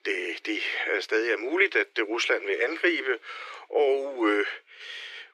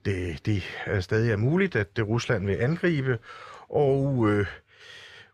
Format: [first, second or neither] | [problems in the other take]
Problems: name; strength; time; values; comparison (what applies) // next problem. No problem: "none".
second | thin; very; fading below 300 Hz